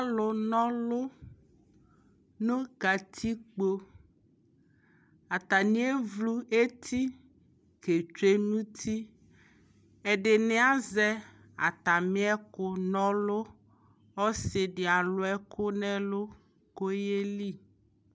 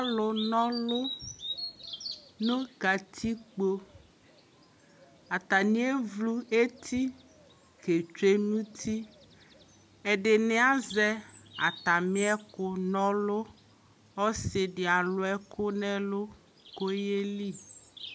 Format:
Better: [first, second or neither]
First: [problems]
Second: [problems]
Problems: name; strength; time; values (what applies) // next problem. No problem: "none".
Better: first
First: none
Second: background sound (Bird vocalization, bird call, bird song); 16 dB below the speech